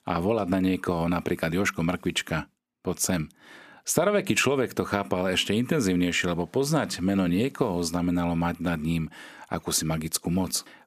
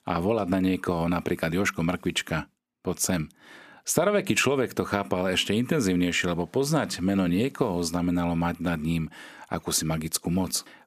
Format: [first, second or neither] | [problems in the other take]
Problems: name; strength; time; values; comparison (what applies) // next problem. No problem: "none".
neither | none